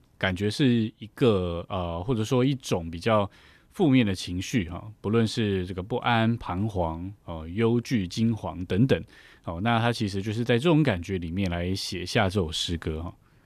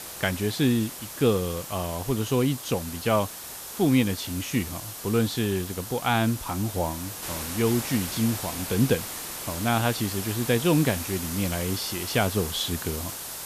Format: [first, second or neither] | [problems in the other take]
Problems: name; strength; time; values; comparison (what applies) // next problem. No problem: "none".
first | hiss; loud; throughout; 7 dB below the speech